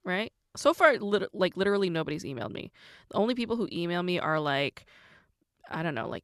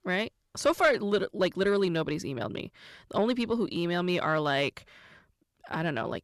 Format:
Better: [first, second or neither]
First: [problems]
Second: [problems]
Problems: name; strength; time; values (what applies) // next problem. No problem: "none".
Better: first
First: none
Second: distortion; slight; 10 dB below the speech